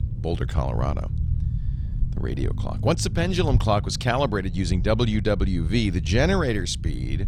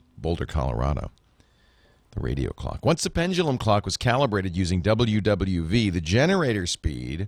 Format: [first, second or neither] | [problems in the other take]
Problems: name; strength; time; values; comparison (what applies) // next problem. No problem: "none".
second | low rumble; noticeable; throughout; 15 dB below the speech